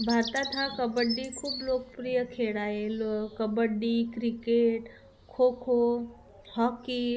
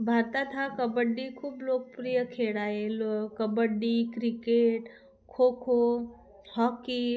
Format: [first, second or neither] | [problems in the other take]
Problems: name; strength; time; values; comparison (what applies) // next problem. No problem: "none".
second | background sound (Bird vocalization, bird call, bird song); 15 dB below the speech